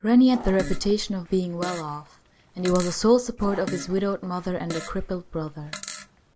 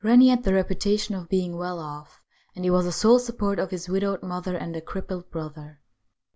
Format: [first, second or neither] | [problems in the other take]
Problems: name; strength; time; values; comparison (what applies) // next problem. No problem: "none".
second | background sound (Fart); 14 dB below the speech